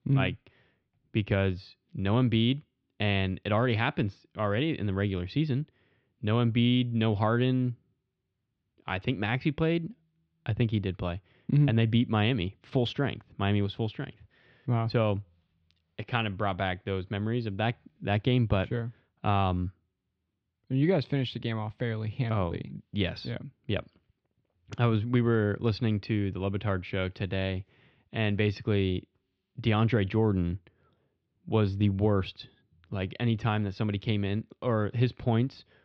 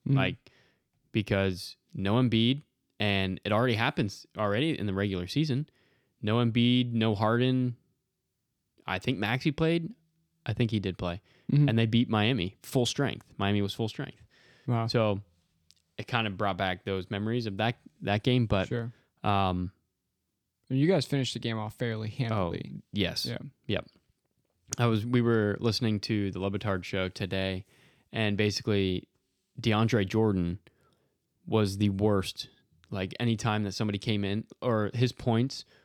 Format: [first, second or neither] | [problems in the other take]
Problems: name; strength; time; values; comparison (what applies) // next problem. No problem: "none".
second | muffled; slightly; fading above 3.5 kHz